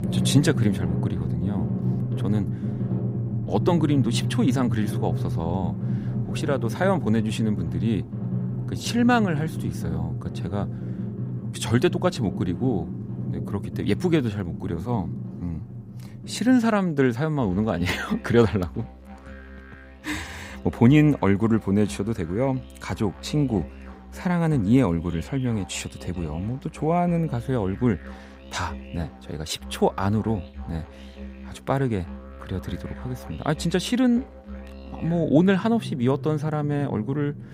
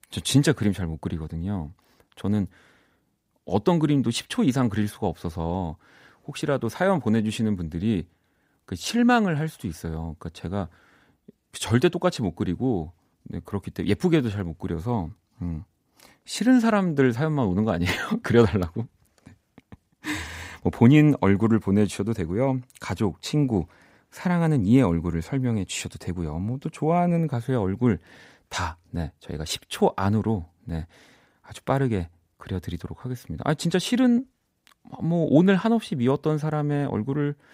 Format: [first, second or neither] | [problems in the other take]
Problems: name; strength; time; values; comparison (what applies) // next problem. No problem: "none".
second | background music; loud; throughout; 7 dB below the speech